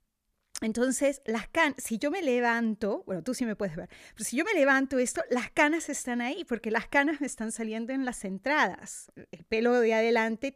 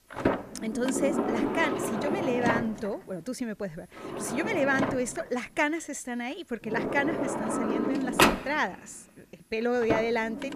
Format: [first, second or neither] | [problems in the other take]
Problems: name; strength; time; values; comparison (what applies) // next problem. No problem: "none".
first | household noises; very loud; throughout; 1 dB above the speech